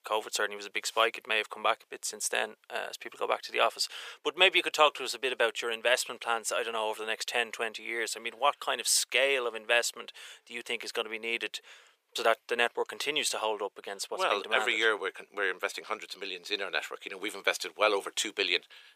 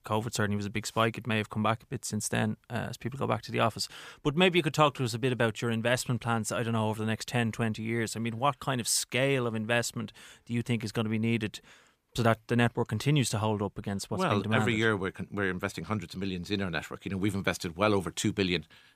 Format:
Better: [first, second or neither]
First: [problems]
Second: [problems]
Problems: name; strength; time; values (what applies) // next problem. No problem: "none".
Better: second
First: thin; very; fading below 450 Hz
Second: none